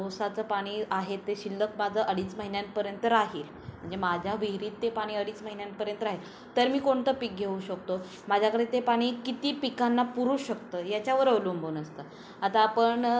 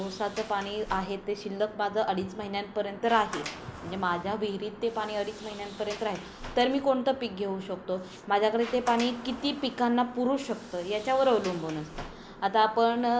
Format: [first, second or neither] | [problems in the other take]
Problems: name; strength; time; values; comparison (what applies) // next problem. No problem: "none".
first | background sound (Sliding door); 17 dB below the speech